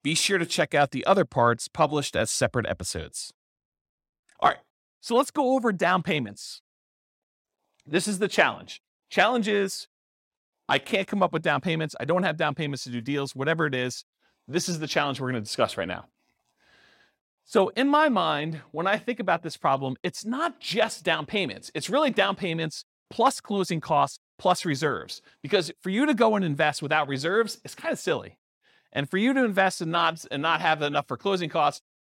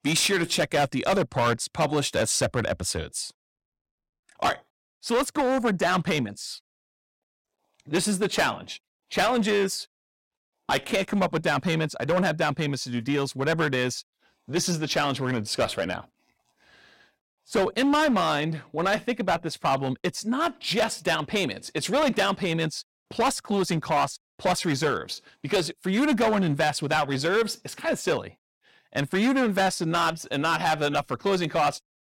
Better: first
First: none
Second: distortion; heavy; 9% of the sound clipped

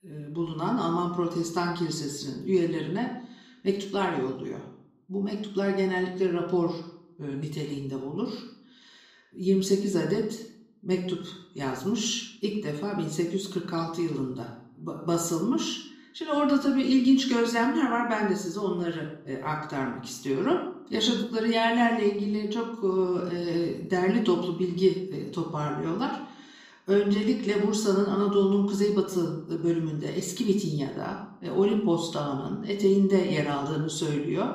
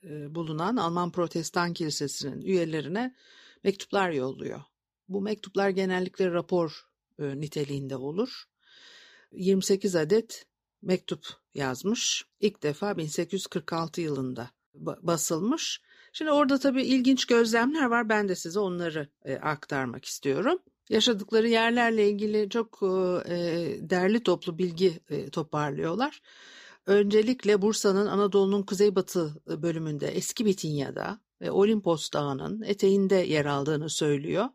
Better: second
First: off-mic speech; far // room echo; noticeable; dies away in 0.6 s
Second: none

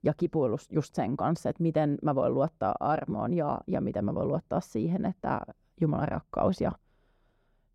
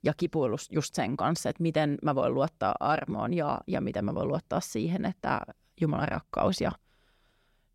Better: second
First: muffled; slightly; fading above 1.5 kHz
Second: none

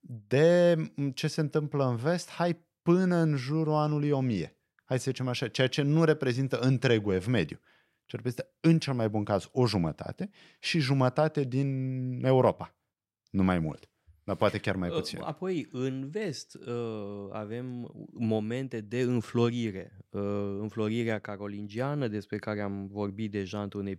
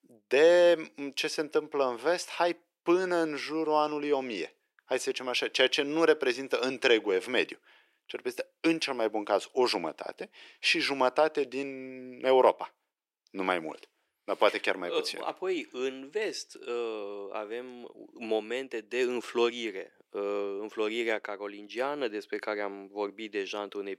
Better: first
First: none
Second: thin; very; fading below 350 Hz

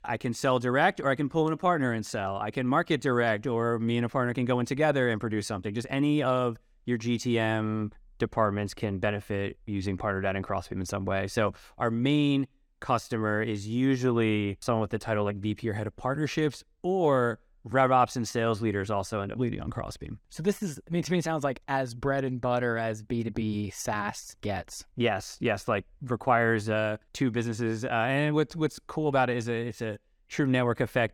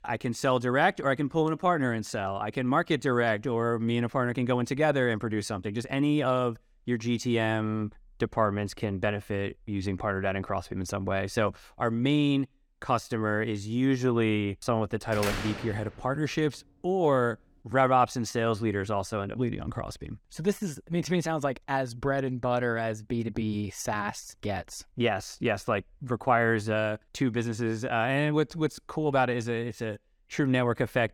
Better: first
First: none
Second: door banging; noticeable; at 15 s; peak 4 dB below the speech

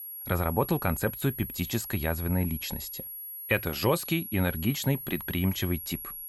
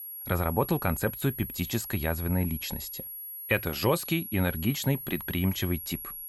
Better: neither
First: high-pitched whine; loud; throughout; 11.5 kHz, 7 dB below the speech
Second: high-pitched whine; loud; throughout; 11.5 kHz, 7 dB below the speech

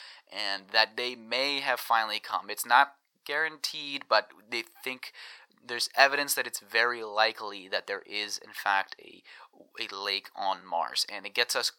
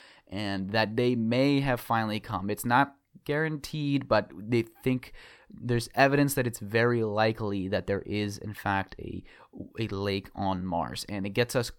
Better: second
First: thin; very; fading below 950 Hz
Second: none

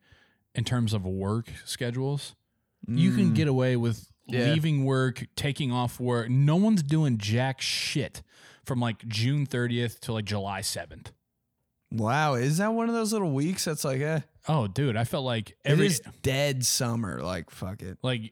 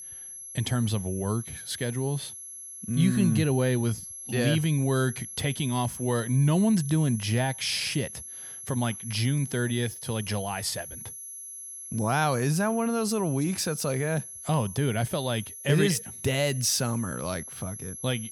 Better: first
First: none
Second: high-pitched whine; noticeable; throughout; 11 kHz, 10 dB below the speech

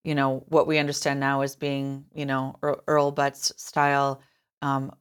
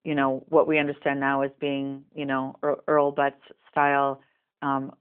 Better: first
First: none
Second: phone-call audio

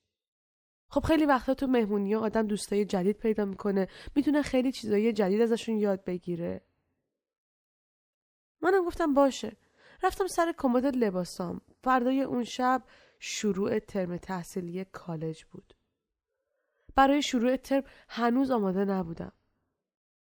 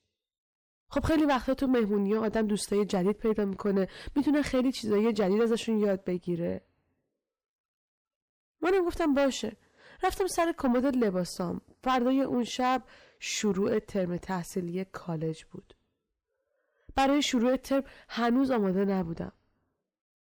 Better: first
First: none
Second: distortion; slight; 10 dB below the speech

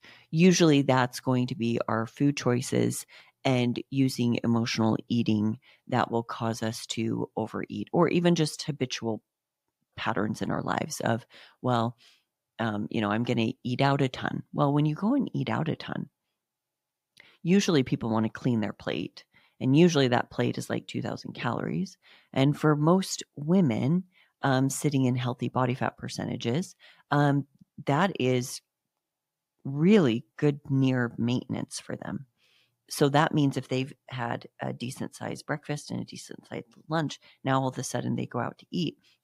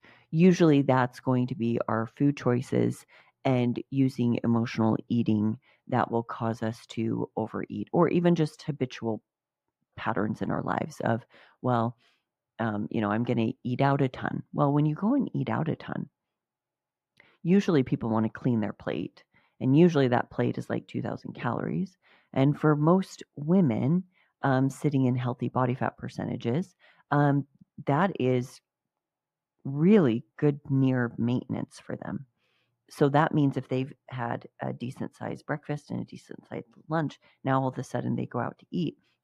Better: first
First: none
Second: muffled; slightly; fading above 2.5 kHz

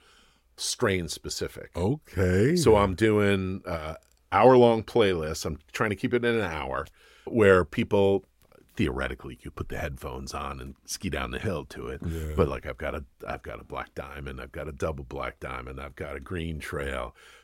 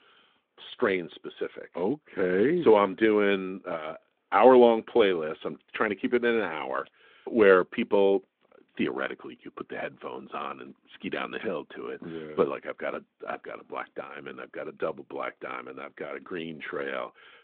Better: first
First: none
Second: phone-call audio

